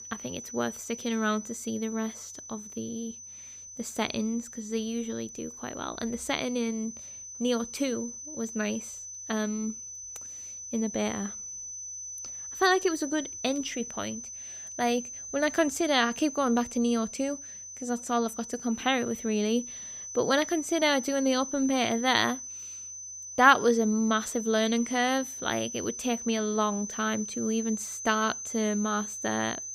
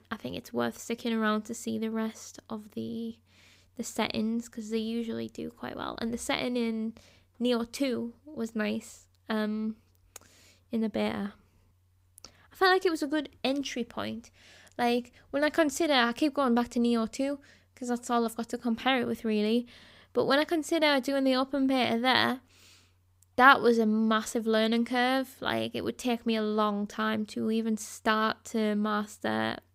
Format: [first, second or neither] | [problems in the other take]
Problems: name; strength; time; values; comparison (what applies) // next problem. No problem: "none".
second | high-pitched whine; loud; throughout; 6 kHz, 9 dB below the speech